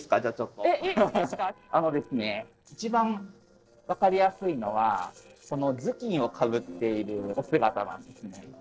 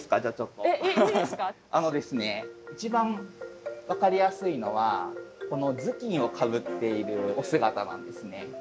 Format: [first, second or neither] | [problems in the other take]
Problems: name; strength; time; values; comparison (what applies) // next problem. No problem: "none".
second | noise reduction (neural separator model SepFormer DNS4)